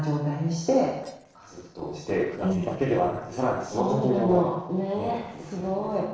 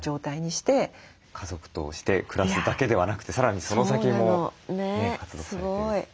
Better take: second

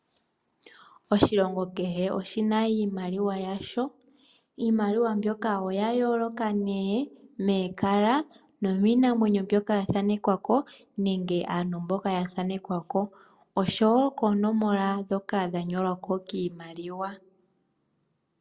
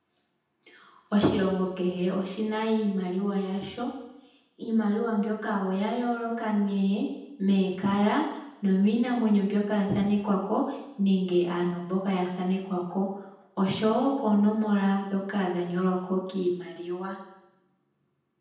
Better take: first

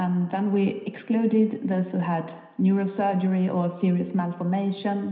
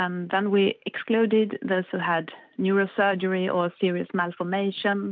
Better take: second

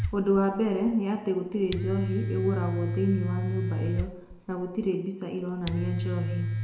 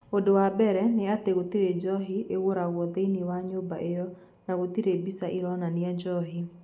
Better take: second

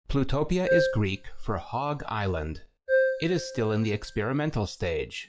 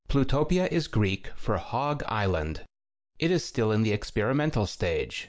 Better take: second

